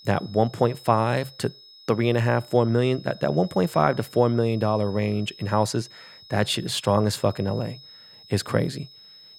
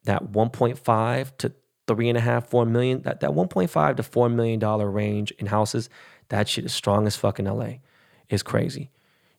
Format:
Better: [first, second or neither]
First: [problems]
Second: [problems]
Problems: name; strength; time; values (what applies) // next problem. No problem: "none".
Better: second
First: high-pitched whine; faint; throughout; 5 kHz, 20 dB below the speech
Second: none